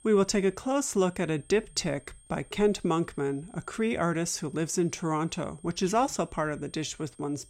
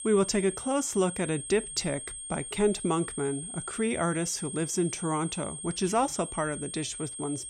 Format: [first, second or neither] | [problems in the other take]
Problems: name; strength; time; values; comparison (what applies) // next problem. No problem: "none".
first | high-pitched whine; loud; throughout; 8.5 kHz, 7 dB below the speech; faint in the first